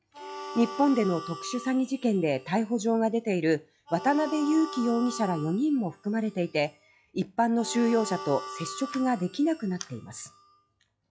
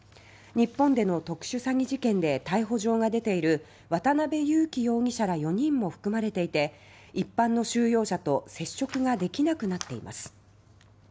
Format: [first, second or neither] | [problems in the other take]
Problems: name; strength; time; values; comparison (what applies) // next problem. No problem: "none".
second | noise reduction (classical method log-MMSE)